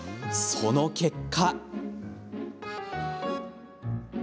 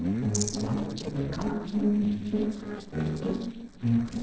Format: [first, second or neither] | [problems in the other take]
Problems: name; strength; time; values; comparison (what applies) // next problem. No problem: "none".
first | noise reduction (neural separator model SepFormer DNS4)